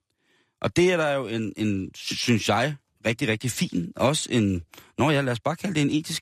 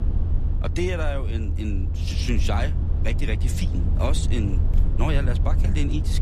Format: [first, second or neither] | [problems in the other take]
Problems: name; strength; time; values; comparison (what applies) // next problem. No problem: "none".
first | low rumble; loud; throughout; 8 dB below the speech